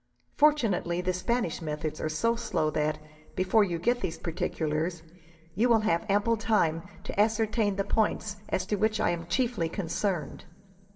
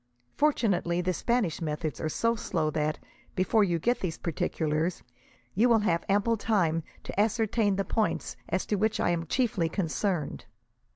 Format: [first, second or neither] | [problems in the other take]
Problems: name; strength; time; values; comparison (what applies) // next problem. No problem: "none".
second | room echo; dies away in 1.3 s